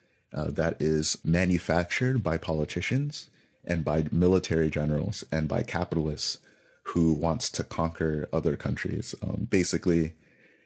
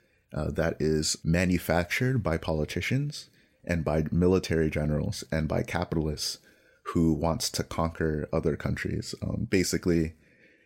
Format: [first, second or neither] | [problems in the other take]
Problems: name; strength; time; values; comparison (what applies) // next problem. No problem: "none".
second | garbled, watery; slightly; nothing above 7.5 kHz